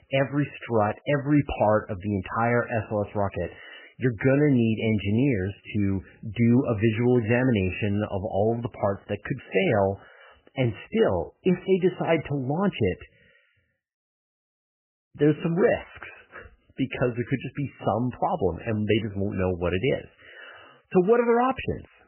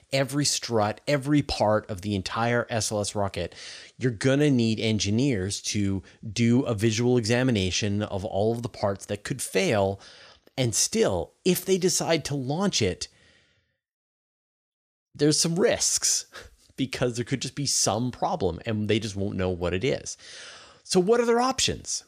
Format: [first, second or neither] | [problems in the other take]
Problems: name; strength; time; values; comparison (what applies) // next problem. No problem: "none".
second | garbled, watery; badly; nothing above 3 kHz